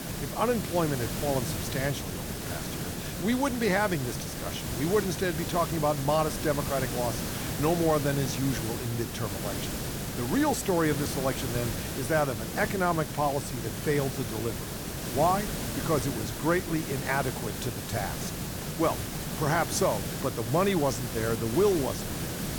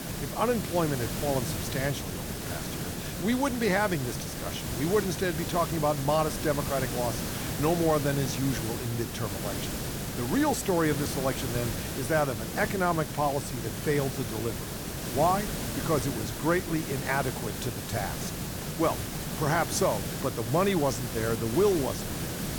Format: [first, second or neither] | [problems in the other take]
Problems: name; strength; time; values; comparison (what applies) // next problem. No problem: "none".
neither | hiss; loud; throughout; 4 dB below the speech; the same in both